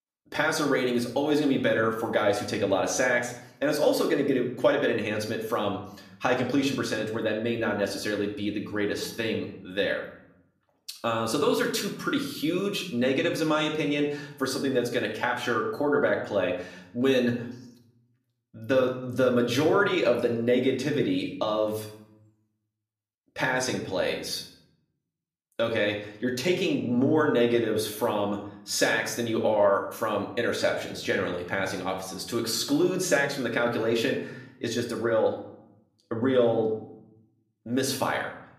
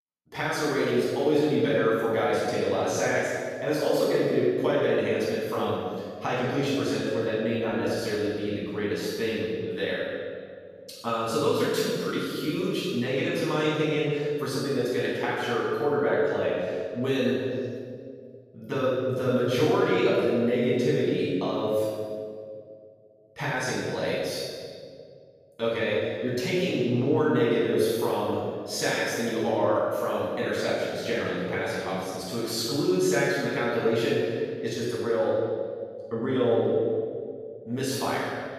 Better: first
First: room echo; slight; dies away in 0.6 s // off-mic speech; somewhat distant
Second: room echo; strong; dies away in 1.9 s // off-mic speech; far

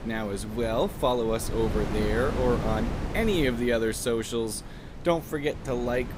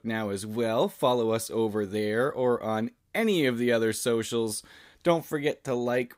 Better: second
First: wind noise on the microphone; occasional gusts; 10 dB below the speech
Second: none

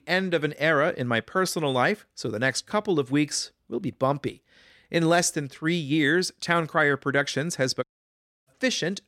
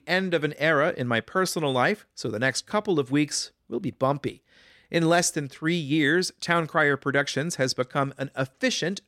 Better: second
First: audio cutting out; at 8 s for 0.5 s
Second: none

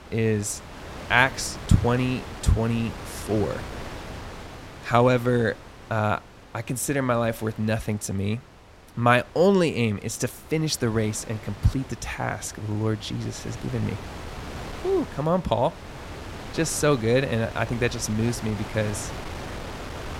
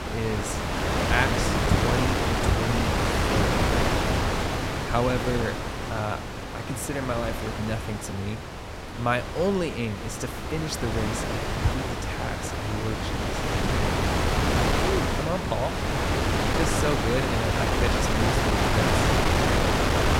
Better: first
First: wind noise on the microphone; occasional gusts; 15 dB below the speech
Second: wind noise on the microphone; heavy; 5 dB above the speech

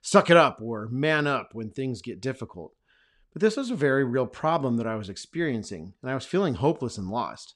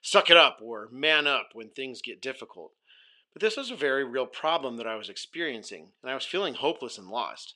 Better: first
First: none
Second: thin; somewhat; fading below 450 Hz

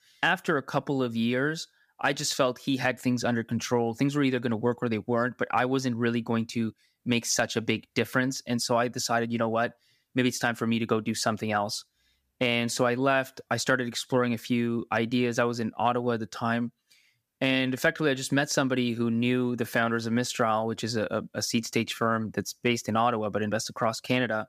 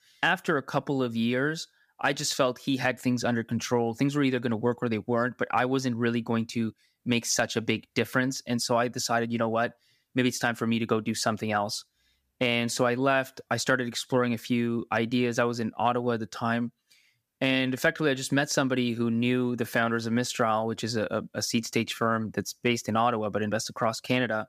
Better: neither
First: none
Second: none

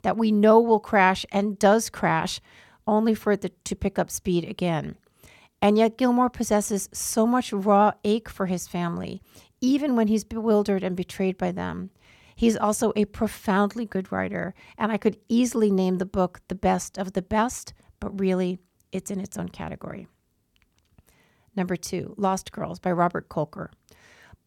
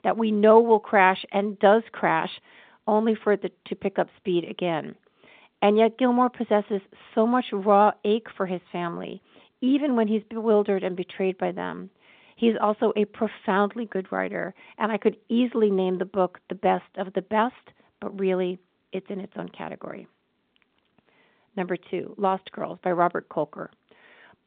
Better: first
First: none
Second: phone-call audio; nothing above 3.5 kHz

